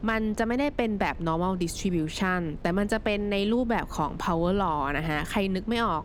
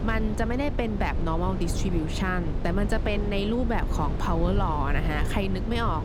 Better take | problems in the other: first | low rumble; loud; throughout; 9 dB below the speech; faint in the first

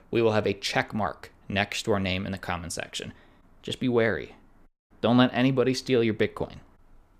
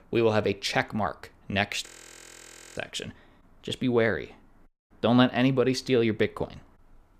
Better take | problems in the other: first | audio freezing; at 2 s for 1 s

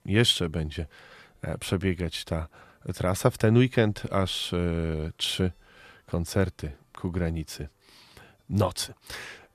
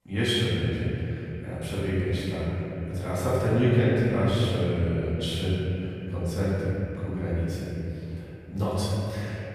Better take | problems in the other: first | room echo; strong; dies away in 3 s // off-mic speech; far

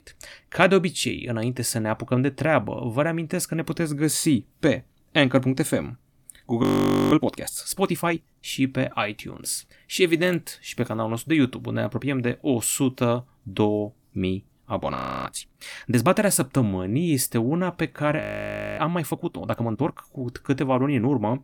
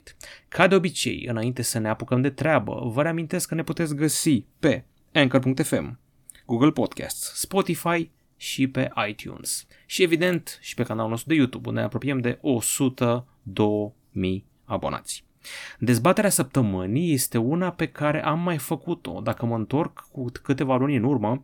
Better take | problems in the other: second | audio freezing; at 6.5 s, at 15 s and at 18 s for 0.5 s

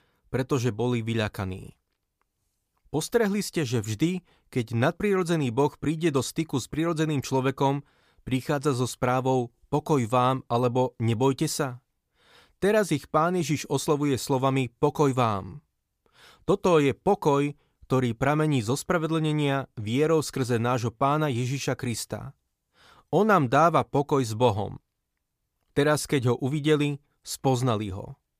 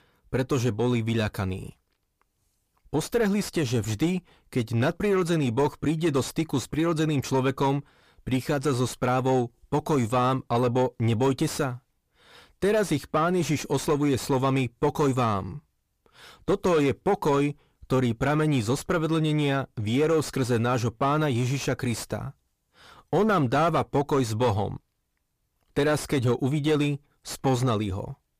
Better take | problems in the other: first | distortion; slight; 9 dB below the speech

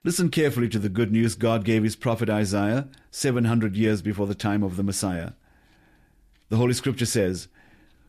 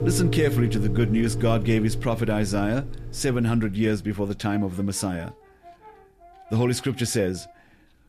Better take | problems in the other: first | background music; loud; throughout; 5 dB below the speech

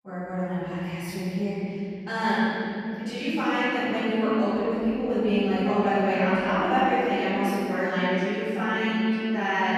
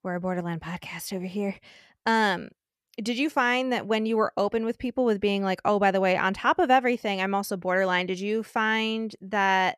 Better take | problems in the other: second | room echo; strong; dies away in 3 s // off-mic speech; far

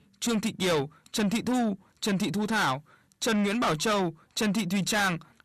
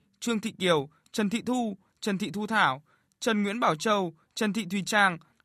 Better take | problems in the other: second | distortion; heavy; 6 dB below the speech

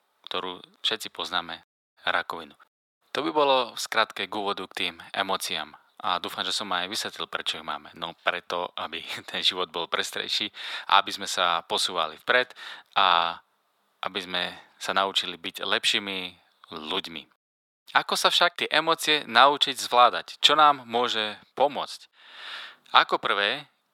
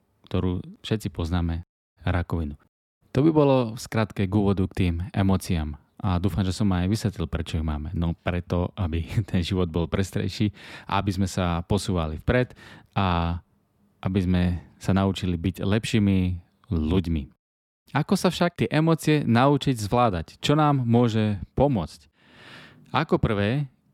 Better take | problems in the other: second | thin; very; fading below 800 Hz

